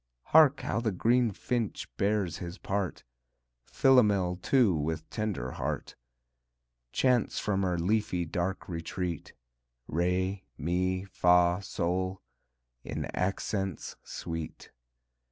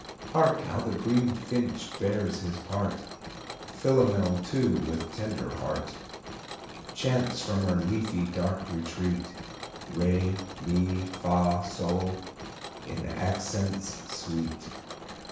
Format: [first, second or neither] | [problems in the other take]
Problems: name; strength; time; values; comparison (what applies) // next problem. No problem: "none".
first | background sound (Mechanisms); 12 dB below the speech // room echo; dies away in 0.7 s